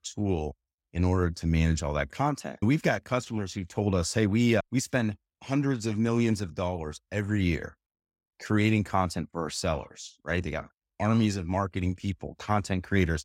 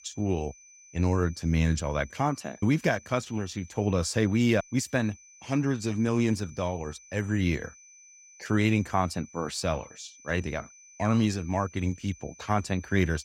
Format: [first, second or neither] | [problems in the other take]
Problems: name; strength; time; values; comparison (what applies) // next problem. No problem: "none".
first | high-pitched whine; faint; throughout; 6 kHz, 20 dB below the speech